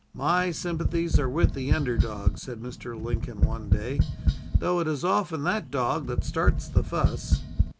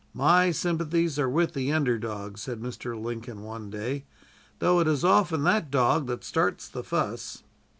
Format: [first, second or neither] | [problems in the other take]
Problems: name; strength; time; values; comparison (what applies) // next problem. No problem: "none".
second | background sound (Tap); 4 dB above the speech